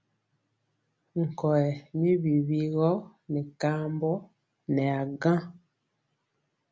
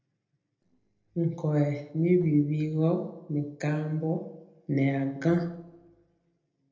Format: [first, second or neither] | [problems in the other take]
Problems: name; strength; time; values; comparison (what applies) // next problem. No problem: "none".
first | noise reduction (neural separator model SepFormer DNS4)